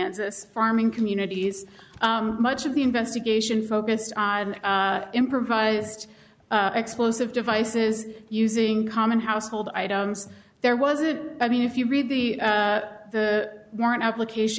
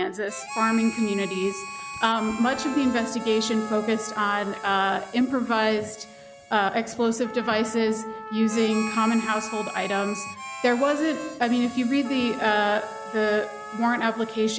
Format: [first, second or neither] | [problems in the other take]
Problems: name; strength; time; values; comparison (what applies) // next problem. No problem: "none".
first | background sound (Trumpet + Harmonica); 12 dB below the speech